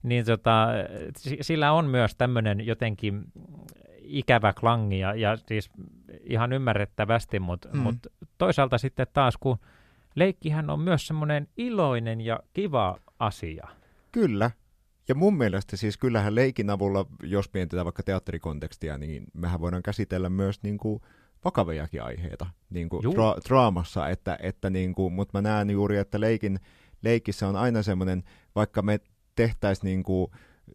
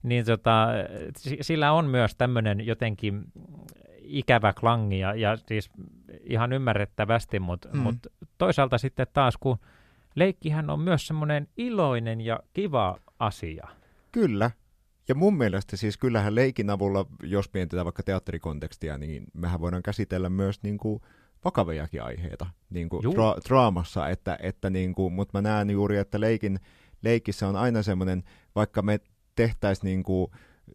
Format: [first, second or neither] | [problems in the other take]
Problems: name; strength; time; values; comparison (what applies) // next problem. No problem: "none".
neither | none